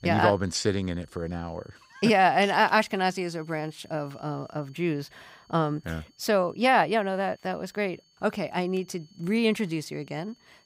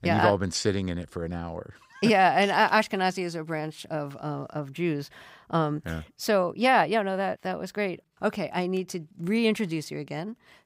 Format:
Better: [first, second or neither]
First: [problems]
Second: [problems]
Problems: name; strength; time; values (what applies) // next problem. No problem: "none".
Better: second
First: high-pitched whine; faint; throughout; 4.5 kHz, 35 dB below the speech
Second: none